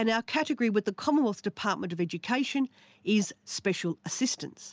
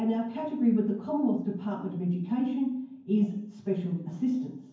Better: first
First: none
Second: room echo; dies away in 0.9 s

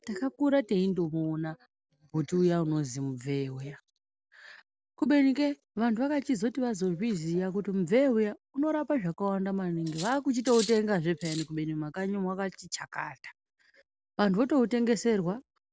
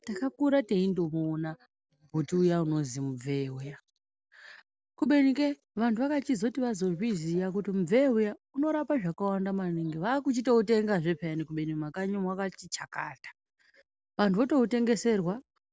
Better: second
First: background sound (Cutlery, silverware); 13 dB below the speech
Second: none

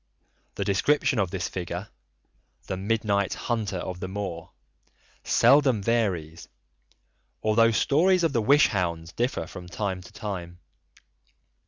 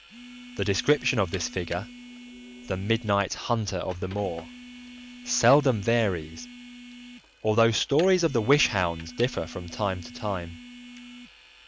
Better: first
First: none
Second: background sound (Vehicle + Telephone); 17 dB below the speech

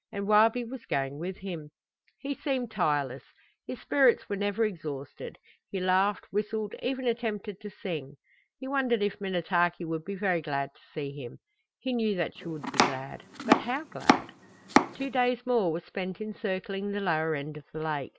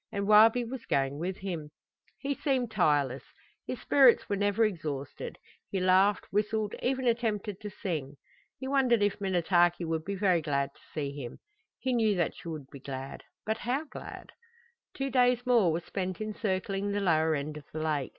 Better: second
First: background sound (Domestic sounds, home sounds); 2 dB above the speech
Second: none

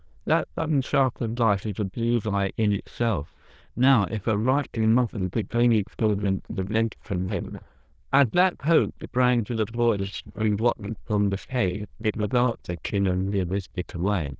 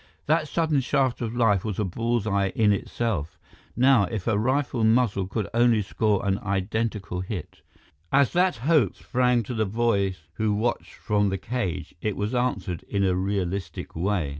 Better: second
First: noise reduction (neural diffusion model UNIVERSE++)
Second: none

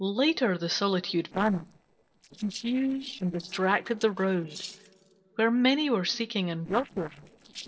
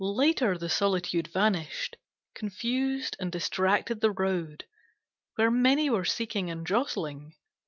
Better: second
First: noise reduction (neural separator model SepFormer DNS4)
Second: none

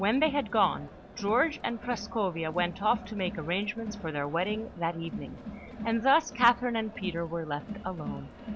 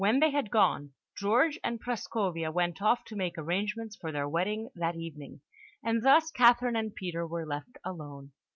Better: second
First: background sound (Crowd); 11 dB below the speech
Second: none

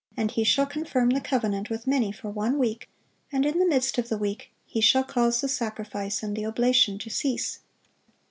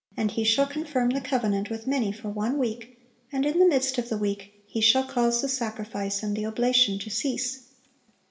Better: first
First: none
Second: room echo; dies away in 0.6 s

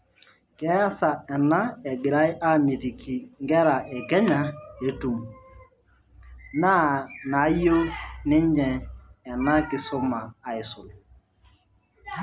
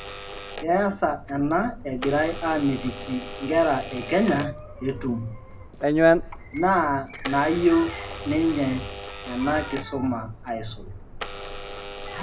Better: first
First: none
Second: background sound (Alarm / Door); 5 dB below the speech // room echo; dies away in 0.2 s

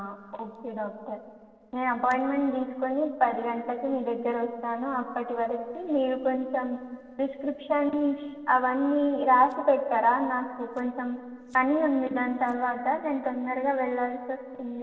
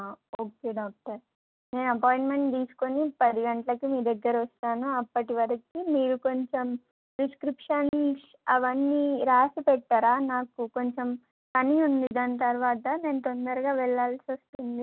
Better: second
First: noise reduction (neural separator model SepFormer DNS4)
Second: none

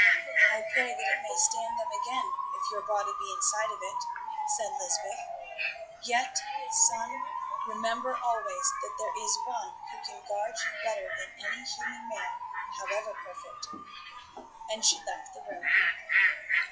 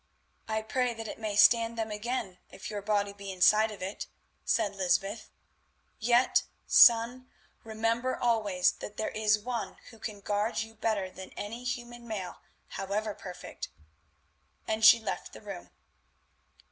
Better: second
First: noise reduction (classical method log-MMSE)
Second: none

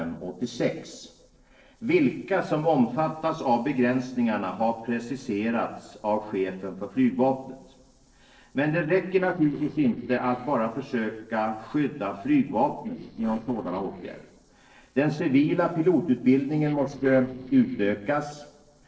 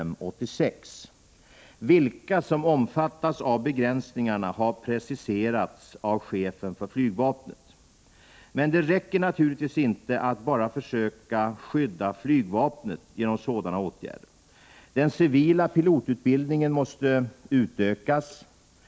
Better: second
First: noise reduction (neural separator model SepFormer DNS4)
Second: none

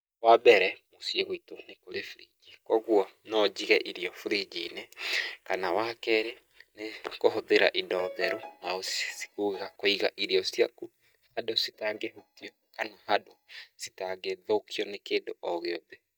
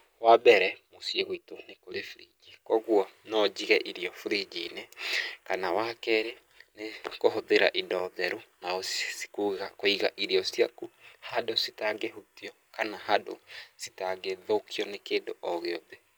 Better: second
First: noise reduction (neural mask model DeepFilterNet 3)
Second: none

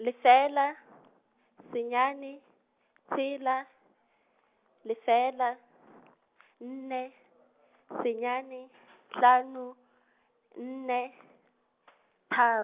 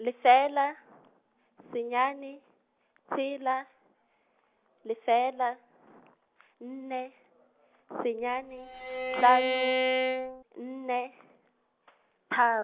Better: first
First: none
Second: background sound (Bowed string instrument); 1 dB above the speech

